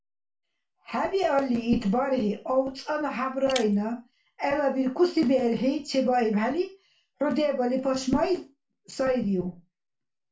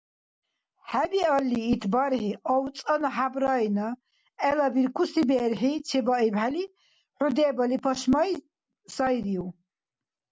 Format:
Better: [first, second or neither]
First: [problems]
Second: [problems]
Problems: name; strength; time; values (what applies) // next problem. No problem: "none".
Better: second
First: background sound (Shatter); 17 dB below the speech // room echo; dies away in 0.3 s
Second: none